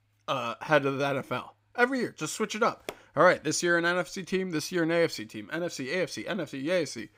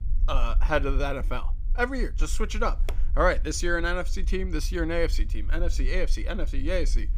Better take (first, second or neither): first